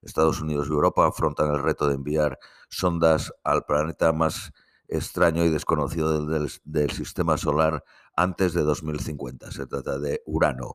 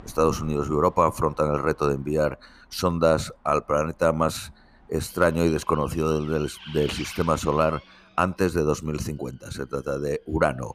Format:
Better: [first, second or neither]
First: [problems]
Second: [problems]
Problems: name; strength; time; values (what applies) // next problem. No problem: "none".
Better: first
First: none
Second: traffic noise; noticeable; throughout; 20 dB below the speech